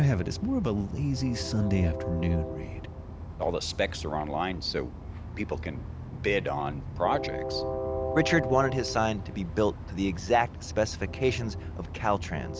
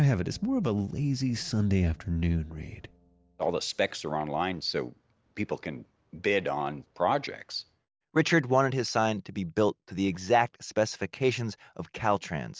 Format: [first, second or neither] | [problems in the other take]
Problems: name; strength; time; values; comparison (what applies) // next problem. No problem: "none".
second | background sound (Train); 6 dB below the speech